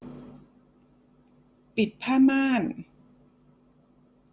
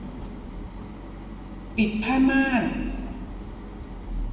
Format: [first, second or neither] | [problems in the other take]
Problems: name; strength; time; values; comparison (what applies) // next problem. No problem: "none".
first | background sound (Idling); 7 dB below the speech // room echo; dies away in 1.5 s